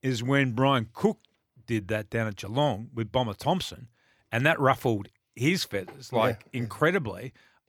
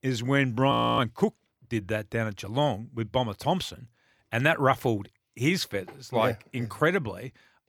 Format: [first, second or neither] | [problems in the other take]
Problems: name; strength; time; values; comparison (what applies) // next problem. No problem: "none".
first | audio freezing; at 0.5 s